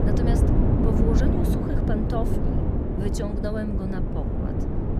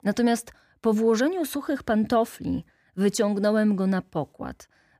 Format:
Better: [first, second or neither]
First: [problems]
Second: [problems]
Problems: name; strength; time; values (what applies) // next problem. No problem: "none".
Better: second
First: wind noise on the microphone; heavy; 2 dB above the speech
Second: none